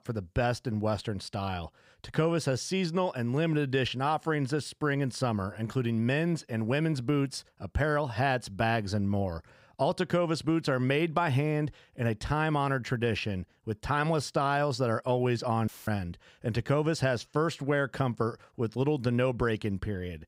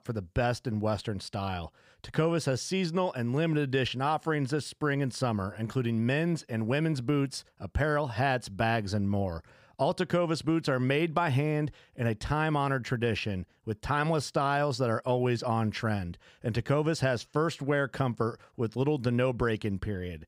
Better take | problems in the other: second | audio cutting out; filled with static; at 16 s

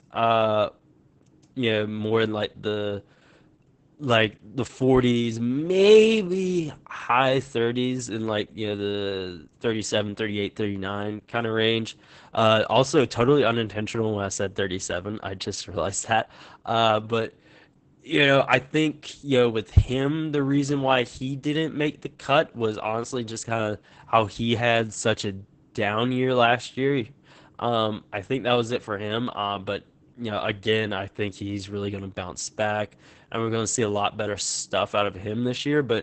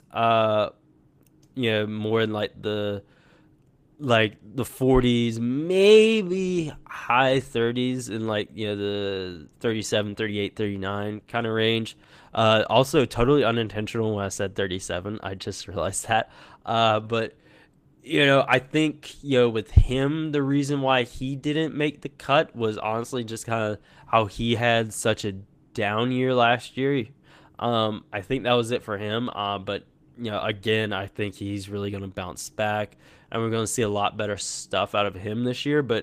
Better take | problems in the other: second | garbled, watery; badly; nothing above 8 kHz; slightly in the second

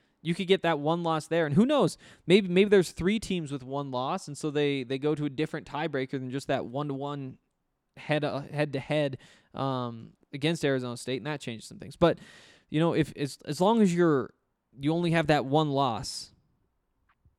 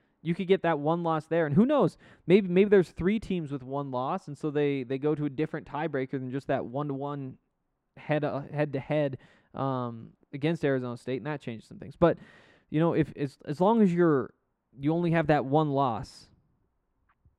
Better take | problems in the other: first | muffled; slightly; fading above 3 kHz

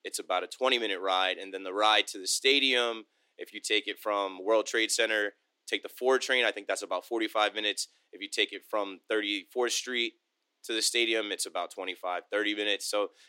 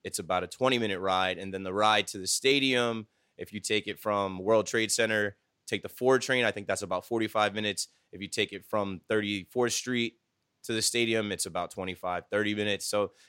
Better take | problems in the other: second | thin; somewhat; fading below 300 Hz

